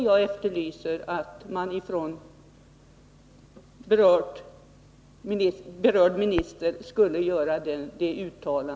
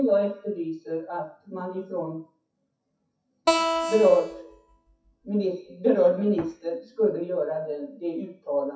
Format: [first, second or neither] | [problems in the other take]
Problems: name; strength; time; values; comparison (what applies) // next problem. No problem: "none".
first | noise reduction (classical method WPE with log-MMSE)